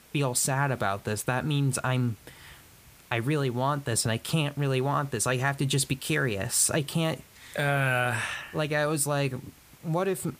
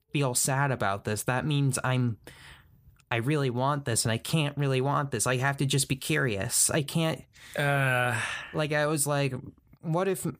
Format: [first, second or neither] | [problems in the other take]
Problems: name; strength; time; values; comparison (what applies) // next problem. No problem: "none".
second | hiss; faint; throughout; 25 dB below the speech